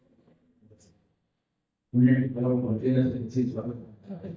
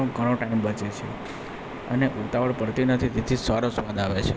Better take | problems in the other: second | noise reduction (neural mask model DeepFilterNet 3)

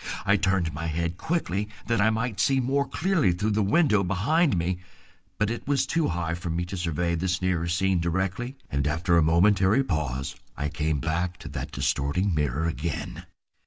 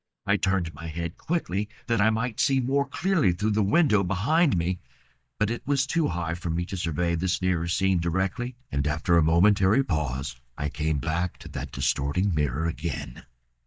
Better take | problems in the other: first | noise reduction (neural mask model DeepFilterNet 3)

